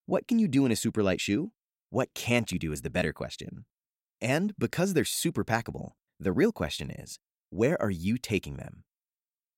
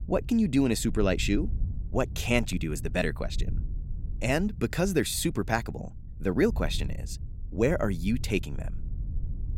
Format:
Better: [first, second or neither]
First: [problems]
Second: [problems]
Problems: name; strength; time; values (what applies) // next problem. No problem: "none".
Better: first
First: none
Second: low rumble; faint; throughout; 25 dB below the speech